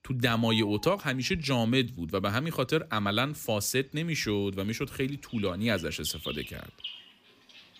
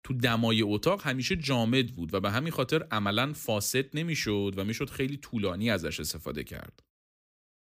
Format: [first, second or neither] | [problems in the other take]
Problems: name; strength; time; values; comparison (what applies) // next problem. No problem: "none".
second | animal sounds; noticeable; throughout; 15 dB below the speech